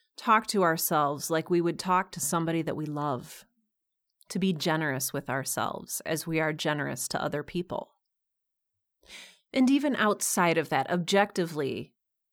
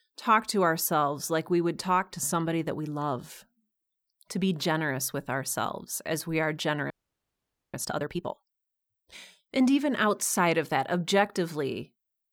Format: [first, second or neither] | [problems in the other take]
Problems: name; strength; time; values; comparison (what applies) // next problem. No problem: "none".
first | audio freezing; at 7 s for 1 s